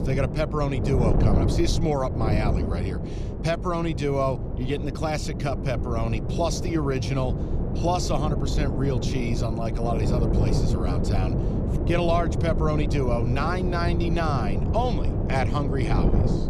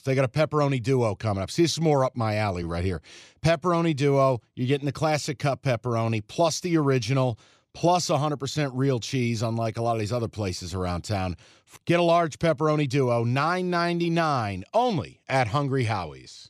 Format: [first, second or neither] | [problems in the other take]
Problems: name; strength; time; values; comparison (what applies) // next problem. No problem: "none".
second | wind noise on the microphone; heavy; 5 dB below the speech